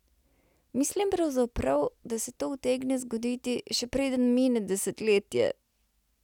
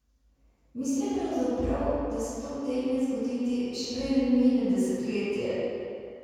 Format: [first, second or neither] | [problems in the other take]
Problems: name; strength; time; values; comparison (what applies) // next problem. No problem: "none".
first | room echo; dies away in 2.1 s